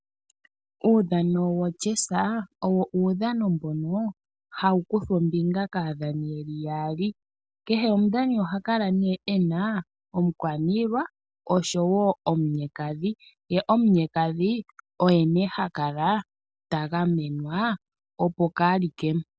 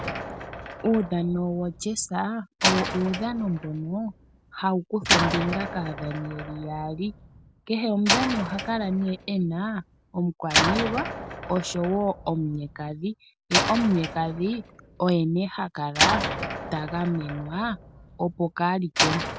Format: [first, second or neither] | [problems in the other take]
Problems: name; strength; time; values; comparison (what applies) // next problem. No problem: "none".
first | background sound (Slam); 3 dB below the speech